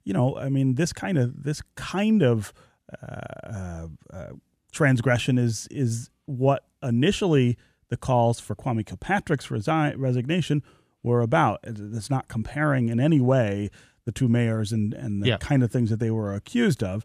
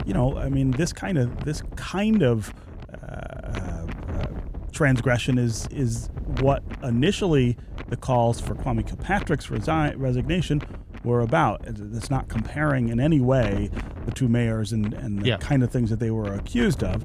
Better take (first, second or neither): first